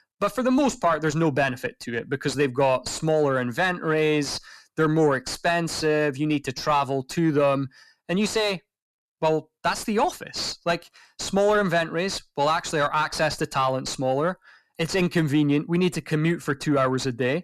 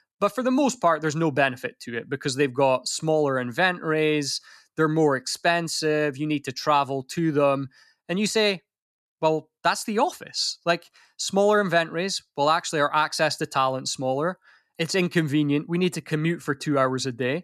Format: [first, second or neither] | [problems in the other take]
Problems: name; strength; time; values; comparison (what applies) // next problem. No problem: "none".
second | distortion; slight; 10 dB below the speech